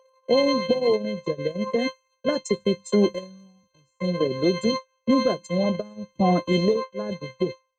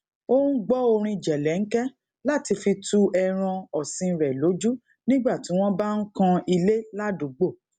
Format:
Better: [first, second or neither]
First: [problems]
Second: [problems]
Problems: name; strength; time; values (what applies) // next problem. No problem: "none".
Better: second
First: noise reduction (neural mask model RNNoise)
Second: none